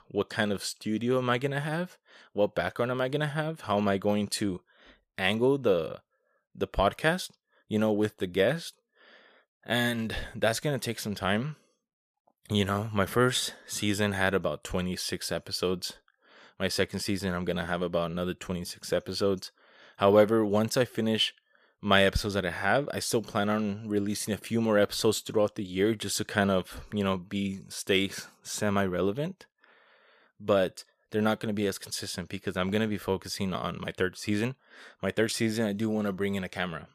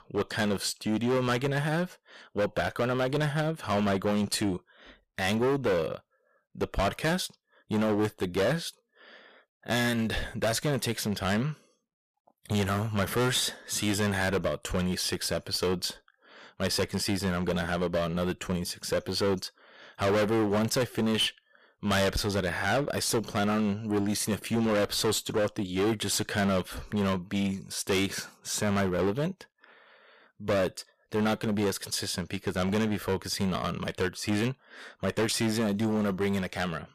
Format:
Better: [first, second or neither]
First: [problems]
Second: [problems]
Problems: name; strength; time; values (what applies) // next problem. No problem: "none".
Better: first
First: none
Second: distortion; heavy; 13% of the sound clipped